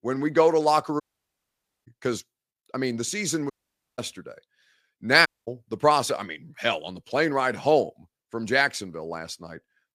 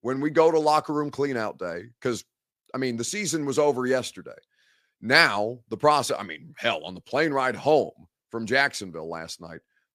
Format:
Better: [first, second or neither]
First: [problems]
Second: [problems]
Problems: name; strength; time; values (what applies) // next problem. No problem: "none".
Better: second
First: audio cutting out; at 1 s for 1 s, at 3.5 s and at 5.5 s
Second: none